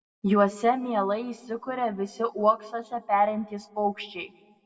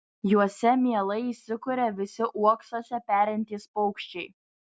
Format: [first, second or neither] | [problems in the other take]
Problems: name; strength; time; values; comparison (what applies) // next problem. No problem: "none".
second | room echo; dies away in 0.8 s